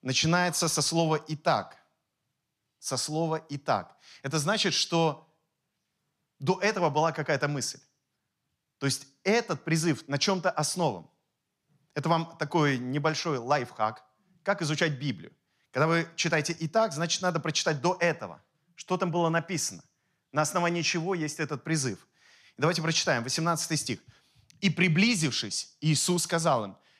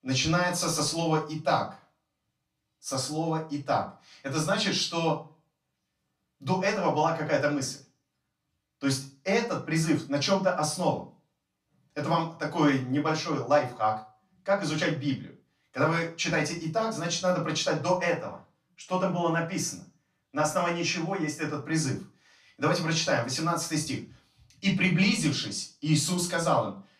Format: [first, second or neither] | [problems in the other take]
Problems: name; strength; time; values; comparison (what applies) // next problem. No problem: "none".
first | off-mic speech; far // room echo; slight; dies away in 0.3 s